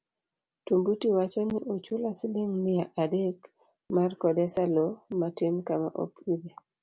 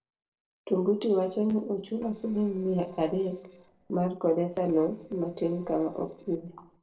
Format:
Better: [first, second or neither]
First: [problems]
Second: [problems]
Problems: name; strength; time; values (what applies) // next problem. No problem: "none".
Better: first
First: none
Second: noise reduction (neural separator model SepFormer DNS4)